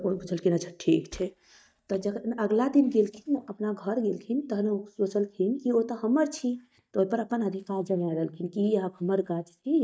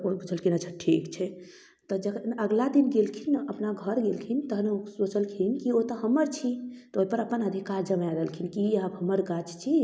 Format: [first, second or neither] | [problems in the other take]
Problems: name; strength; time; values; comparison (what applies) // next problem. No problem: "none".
second | noise reduction (neural mask model DeepFilterNet 3)